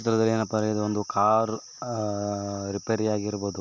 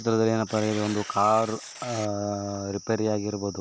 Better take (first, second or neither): first